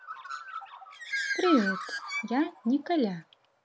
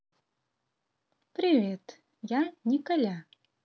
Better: second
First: background sound (Bird); 6 dB below the speech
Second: none

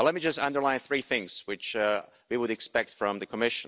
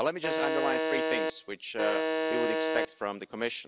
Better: first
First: none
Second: background sound (Alarm); 3 dB above the speech

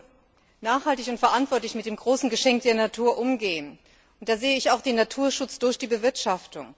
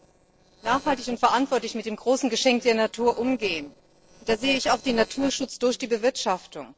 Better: first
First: none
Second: noise reduction (neural separator model SepFormer DNS4)

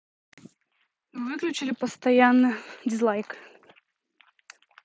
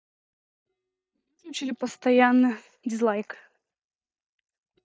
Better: first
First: none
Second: noise reduction (neural mask model DeepFilterNet 3)

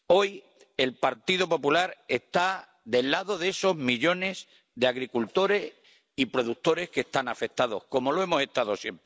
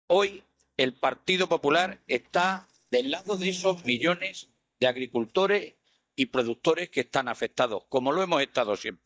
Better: first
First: none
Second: noise reduction (neural mask model DeepFilterNet 3)

